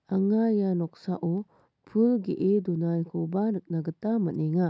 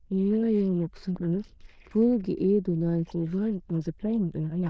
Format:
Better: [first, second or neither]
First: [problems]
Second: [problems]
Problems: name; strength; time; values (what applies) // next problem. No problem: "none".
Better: first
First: none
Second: noise reduction (neural diffusion model UNIVERSE++)